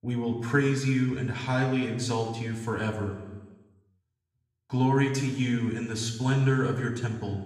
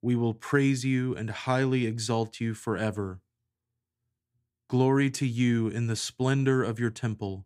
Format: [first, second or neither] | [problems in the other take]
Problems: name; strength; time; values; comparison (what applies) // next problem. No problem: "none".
second | room echo; noticeable; dies away in 1.1 s // off-mic speech; somewhat distant